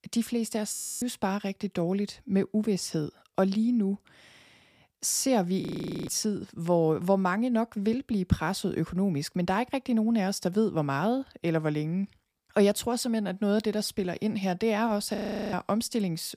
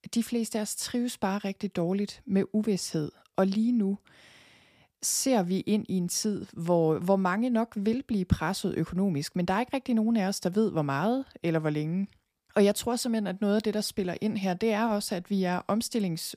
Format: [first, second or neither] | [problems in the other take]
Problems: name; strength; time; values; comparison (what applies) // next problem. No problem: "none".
second | audio freezing; at 0.5 s, at 5.5 s and at 15 s